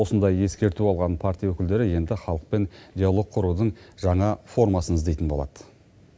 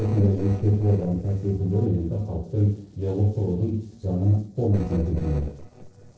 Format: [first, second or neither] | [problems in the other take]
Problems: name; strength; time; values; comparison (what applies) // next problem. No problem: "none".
first | noise reduction (neural separator model SepFormer DNS4)